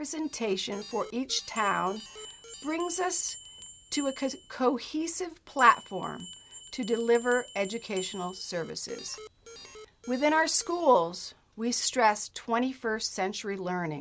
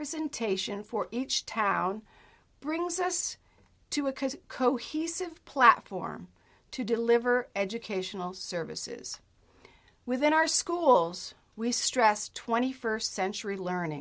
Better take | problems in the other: second | background sound (Alarm + Bell); 17 dB below the speech

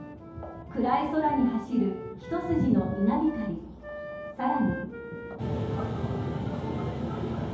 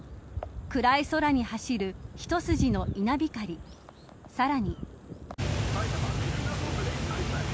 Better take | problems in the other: second | background sound (Wind instrument, woodwind instrument); 13 dB below the speech // room echo; dies away in 0.8 s

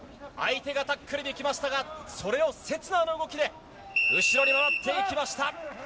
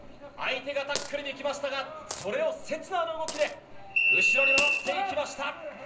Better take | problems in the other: first | background sound (Coin (dropping)); 14 dB below the speech // room echo; dies away in 0.5 s

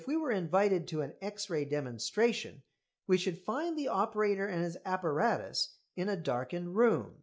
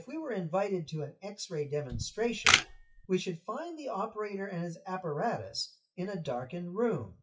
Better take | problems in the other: first | noise reduction (classical method WPE with log-MMSE)

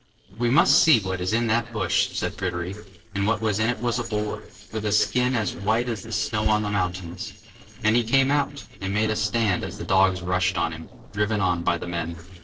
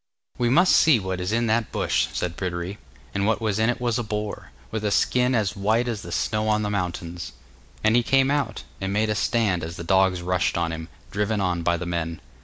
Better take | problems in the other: second | noise reduction (neural separator model SepFormer DNS4)

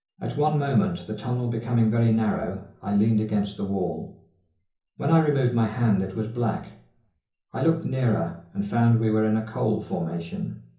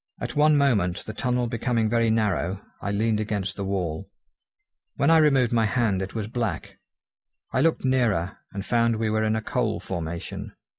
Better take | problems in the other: second | room echo; dies away in 0.6 s

